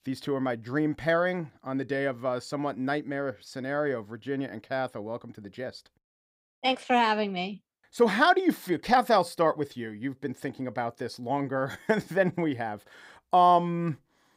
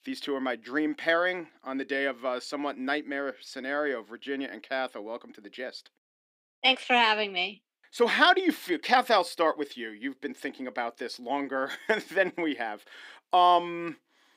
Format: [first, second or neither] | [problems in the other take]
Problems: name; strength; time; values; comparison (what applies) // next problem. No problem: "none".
first | thin; very slightly; fading below 250 Hz